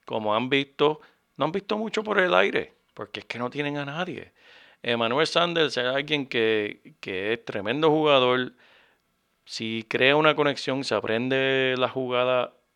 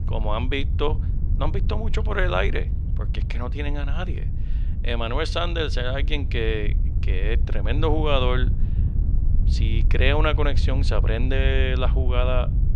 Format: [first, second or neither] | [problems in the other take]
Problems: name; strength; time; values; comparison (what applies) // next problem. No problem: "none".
first | wind noise on the microphone; occasional gusts; 15 dB below the speech